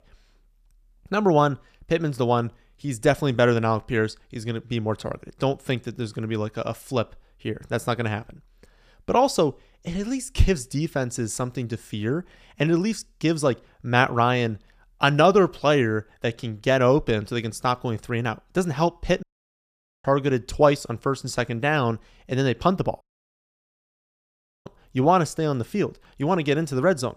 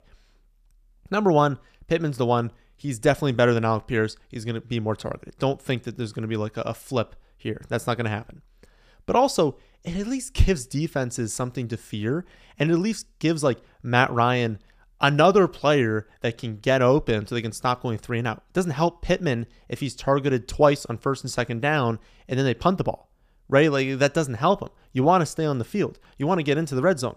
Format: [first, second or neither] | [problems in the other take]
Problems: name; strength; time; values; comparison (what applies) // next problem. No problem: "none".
second | audio cutting out; at 19 s for 1 s and at 23 s for 1.5 s